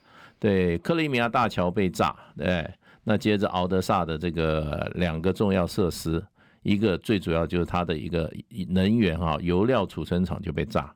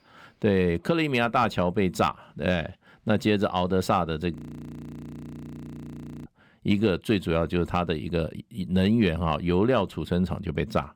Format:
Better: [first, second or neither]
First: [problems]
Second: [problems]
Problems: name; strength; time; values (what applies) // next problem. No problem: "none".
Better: first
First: none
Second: audio freezing; at 4.5 s for 2 s